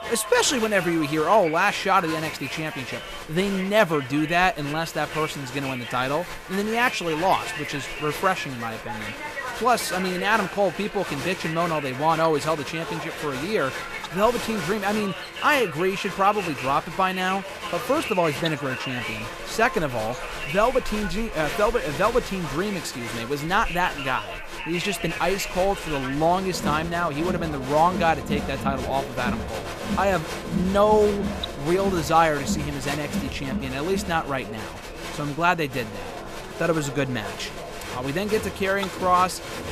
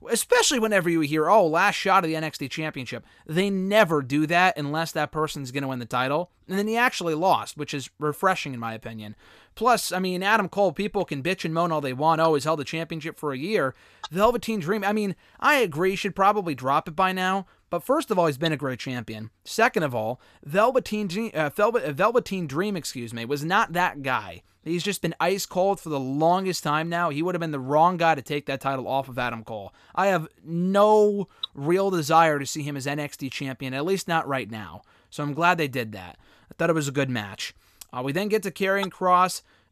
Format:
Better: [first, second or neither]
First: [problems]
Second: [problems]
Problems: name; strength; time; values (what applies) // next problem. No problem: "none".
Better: second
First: crowd noise; loud; throughout; 8 dB below the speech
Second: none